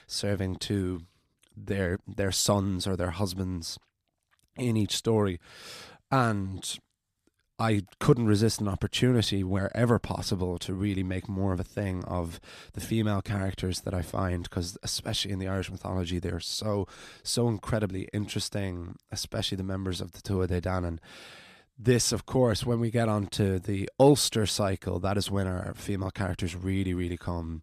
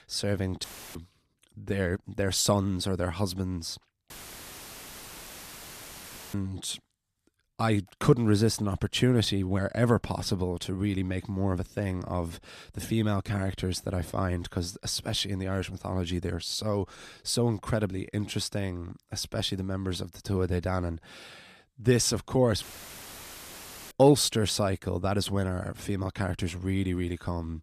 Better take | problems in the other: first | audio cutting out; filled with static; at 0.5 s, at 4 s for 2 s and at 23 s for 1.5 s

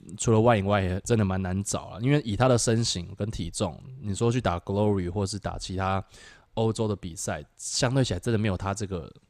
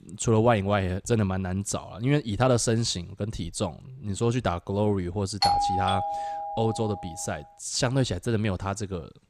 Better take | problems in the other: first | doorbell; loud; from 5.5 to 7 s; peak 4 dB above the speech

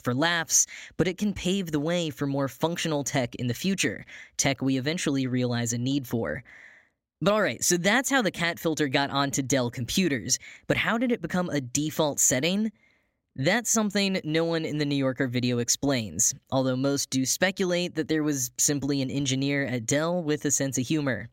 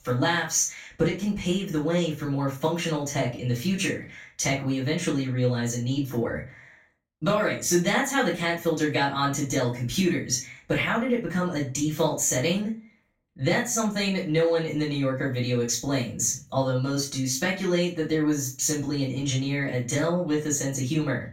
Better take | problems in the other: first | room echo; slight; dies away in 0.3 s // off-mic speech; far

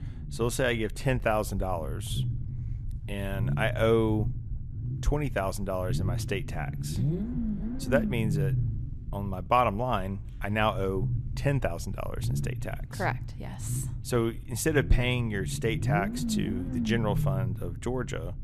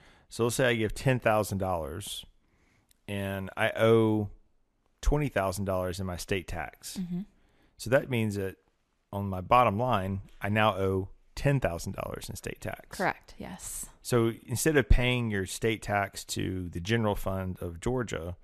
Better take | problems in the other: second | low rumble; noticeable; throughout; 10 dB below the speech

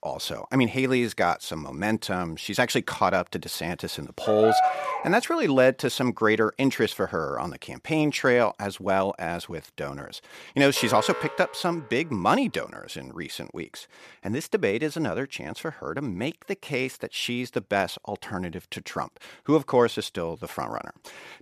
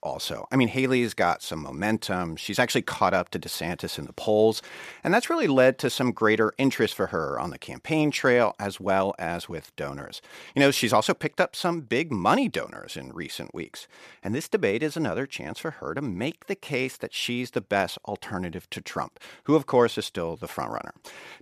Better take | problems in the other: second | dog barking; loud; at 4 s; peak 3 dB above the speech // alarm; noticeable; from 11 to 12 s; peak 6 dB below the speech

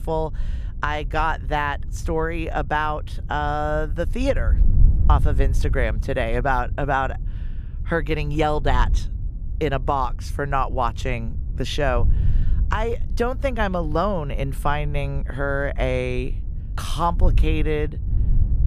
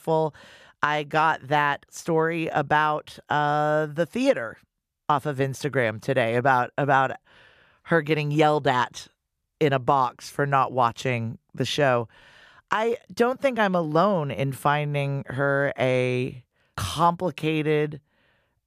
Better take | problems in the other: second | wind noise on the microphone; occasional gusts; 20 dB below the speech

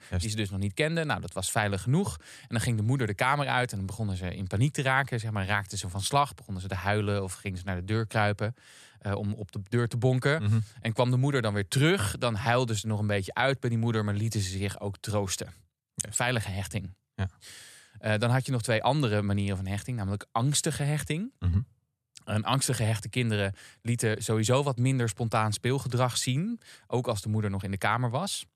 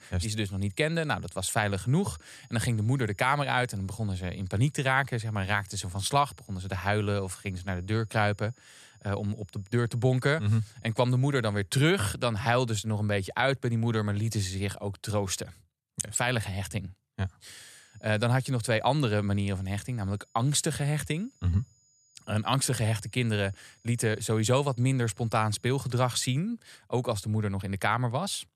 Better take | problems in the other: first | high-pitched whine; faint; until 12 s and from 18 to 26 s; 6.5 kHz, 35 dB below the speech

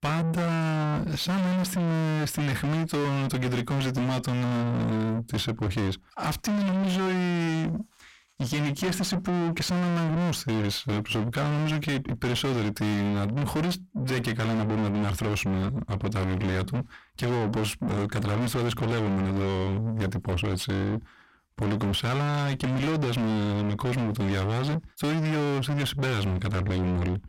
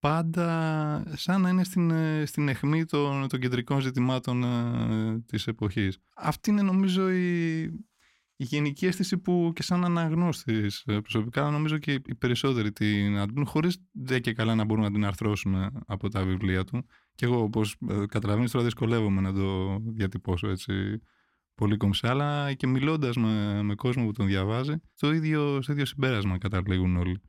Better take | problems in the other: second | distortion; heavy; 5 dB below the speech

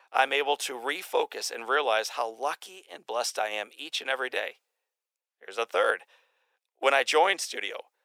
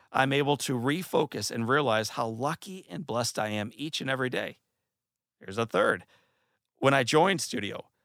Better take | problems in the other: second | thin; very; fading below 450 Hz

